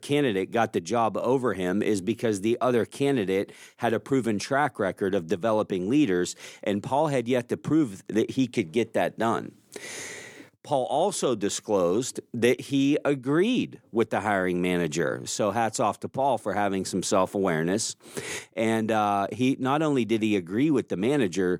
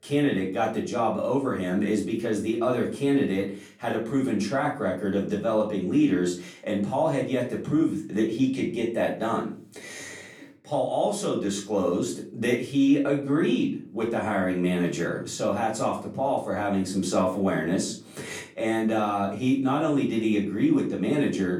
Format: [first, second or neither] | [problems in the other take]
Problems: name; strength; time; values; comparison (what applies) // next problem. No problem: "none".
first | off-mic speech; far // room echo; slight; dies away in 0.4 s